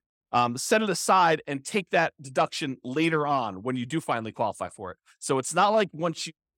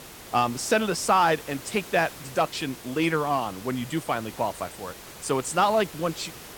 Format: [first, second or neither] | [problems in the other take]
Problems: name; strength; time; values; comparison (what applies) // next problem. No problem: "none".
first | hiss; noticeable; throughout; 15 dB below the speech